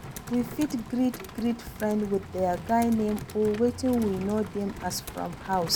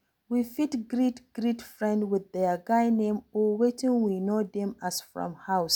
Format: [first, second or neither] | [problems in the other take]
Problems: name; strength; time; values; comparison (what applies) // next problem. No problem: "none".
second | background sound (Computer keyboard + Rain); 12 dB below the speech